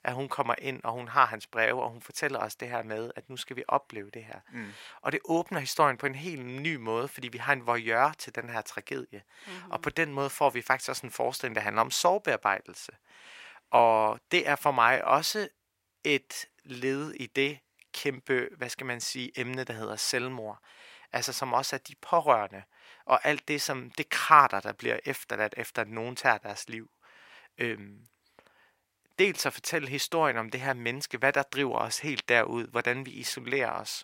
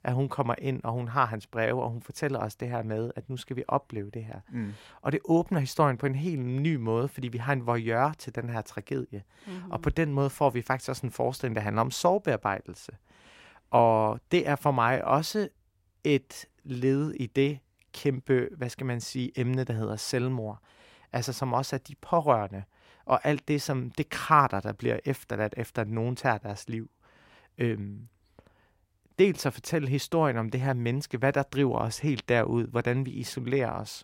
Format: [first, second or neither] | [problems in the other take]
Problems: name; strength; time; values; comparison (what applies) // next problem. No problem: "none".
second | thin; somewhat; fading below 1 kHz